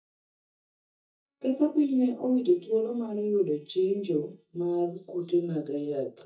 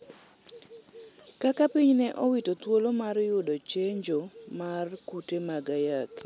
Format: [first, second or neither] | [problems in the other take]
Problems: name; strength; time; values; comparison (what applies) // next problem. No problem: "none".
second | noise reduction (neural mask model DeepFilterNet 3)